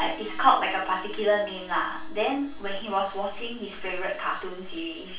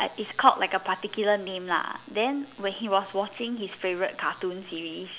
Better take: second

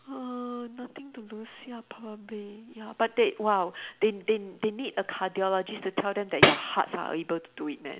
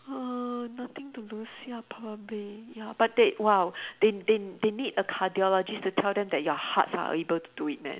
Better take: second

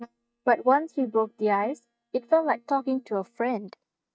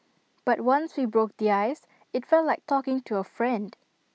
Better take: second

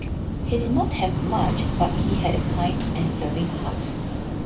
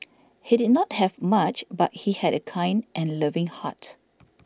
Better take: second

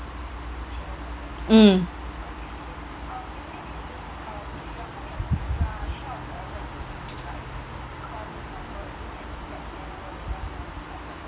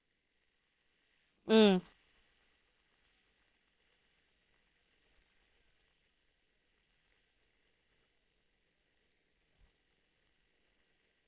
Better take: first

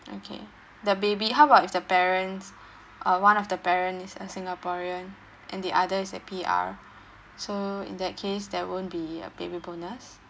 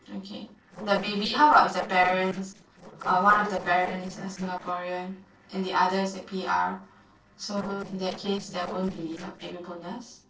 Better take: first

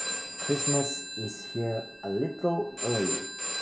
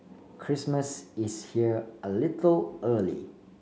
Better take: second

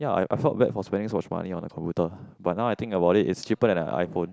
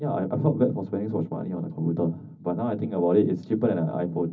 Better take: first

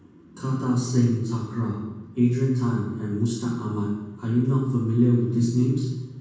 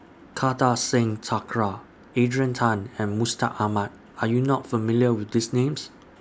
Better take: second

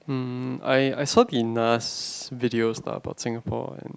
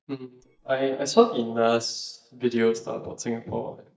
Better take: first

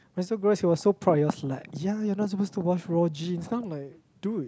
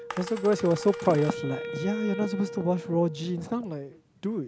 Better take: first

